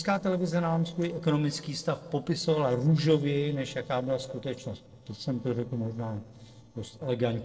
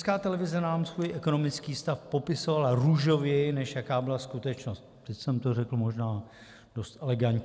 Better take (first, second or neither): second